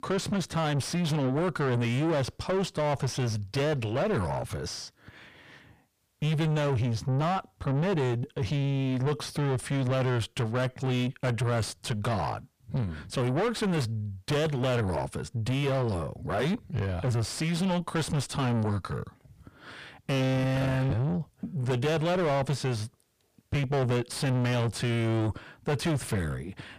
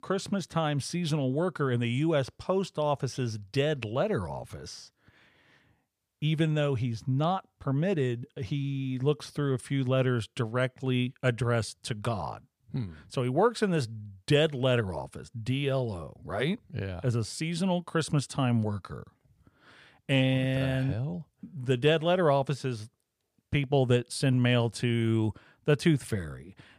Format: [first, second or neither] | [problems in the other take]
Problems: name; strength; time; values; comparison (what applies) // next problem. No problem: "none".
second | distortion; heavy; 5 dB below the speech